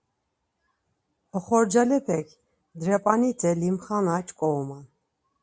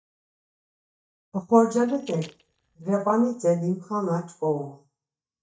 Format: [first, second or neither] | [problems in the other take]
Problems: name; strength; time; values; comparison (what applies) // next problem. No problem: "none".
first | noise reduction (neural mask model DeepFilterNet 3)